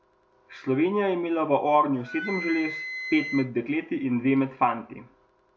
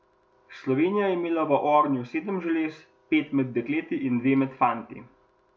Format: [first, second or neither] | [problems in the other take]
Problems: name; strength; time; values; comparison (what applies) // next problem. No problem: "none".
second | background sound (Wind instrument, woodwind instrument); 12 dB below the speech